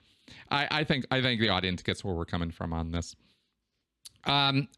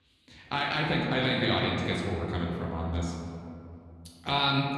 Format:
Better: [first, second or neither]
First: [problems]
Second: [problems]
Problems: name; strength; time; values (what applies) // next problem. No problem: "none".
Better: first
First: none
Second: room echo; noticeable; dies away in 2.3 s // off-mic speech; far